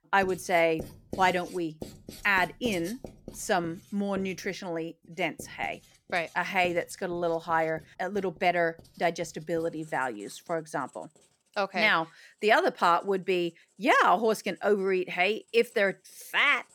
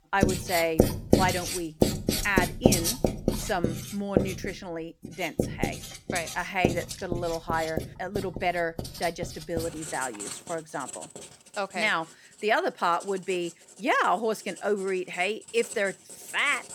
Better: first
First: household noises; faint; throughout; 20 dB below the speech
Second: household noises; loud; throughout; as loud as the speech

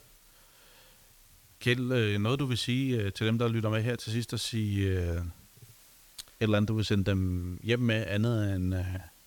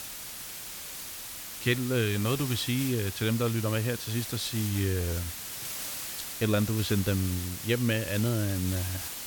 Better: first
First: hiss; faint; throughout; 25 dB below the speech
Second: hiss; loud; throughout; 6 dB below the speech

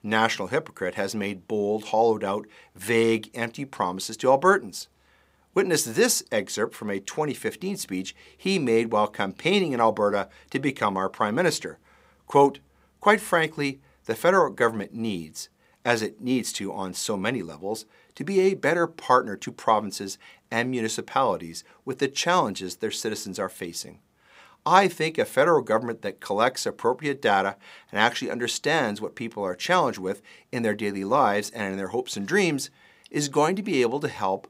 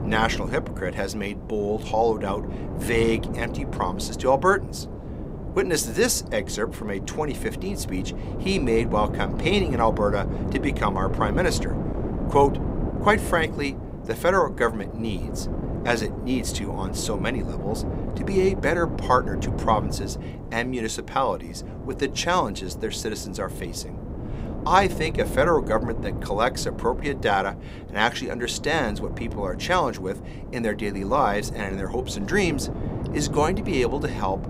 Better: first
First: none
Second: wind noise on the microphone; occasional gusts; 10 dB below the speech

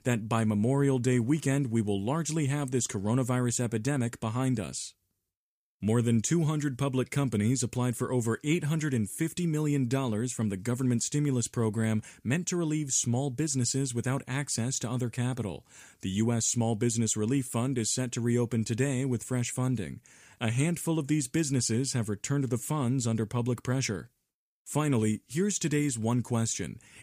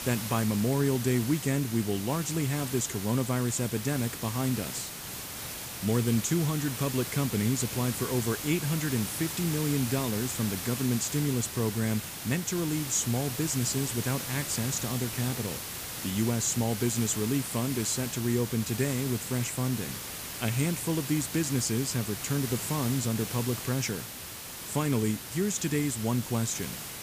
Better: first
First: none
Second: hiss; loud; throughout; 6 dB below the speech

